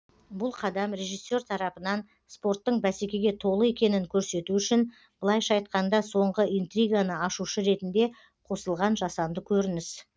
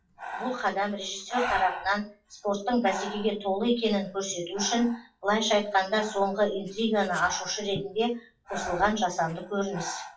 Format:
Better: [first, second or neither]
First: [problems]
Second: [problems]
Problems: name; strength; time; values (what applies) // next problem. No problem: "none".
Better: first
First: none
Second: noise reduction (classical method WPE with log-MMSE)